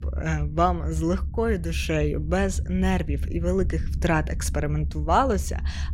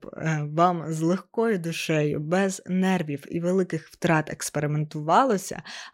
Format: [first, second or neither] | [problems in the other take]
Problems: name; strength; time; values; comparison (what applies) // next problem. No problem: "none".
second | low rumble; faint; throughout; 20 dB below the speech